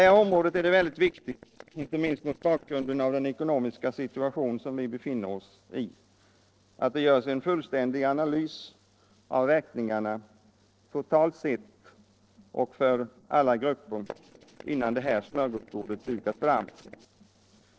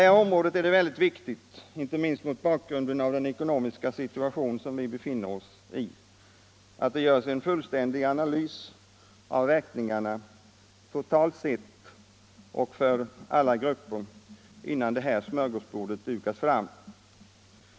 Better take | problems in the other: second | noise reduction (neural separator model SepFormer DNS4)

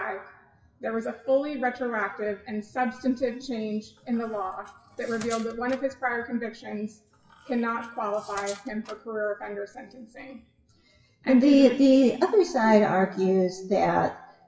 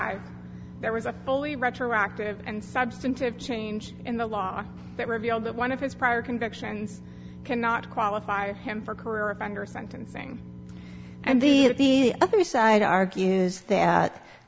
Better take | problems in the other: second | noise reduction (classical method WPE with log-MMSE)

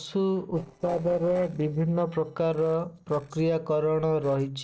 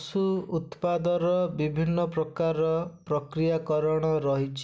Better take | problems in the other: second | noise reduction (neural separator model SepFormer DNS4)

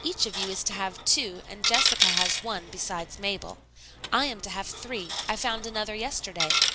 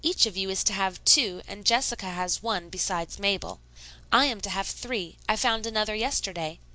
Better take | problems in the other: second | background sound (Coin (dropping)); as loud as the speech

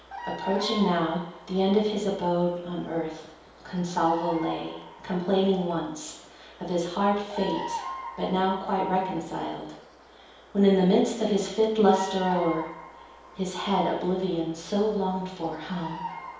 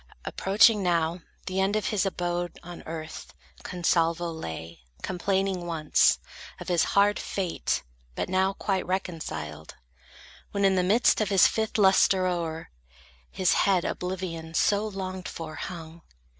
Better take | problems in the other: second | background sound (Bird vocalization, bird call, bird song); 14 dB below the speech // room echo; dies away in 2.2 s

